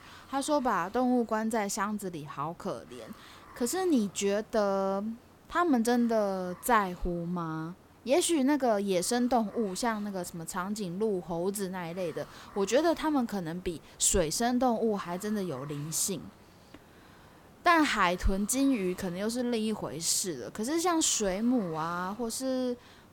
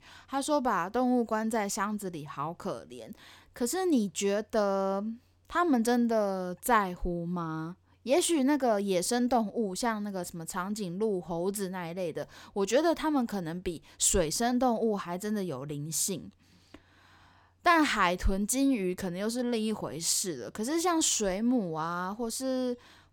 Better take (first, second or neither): second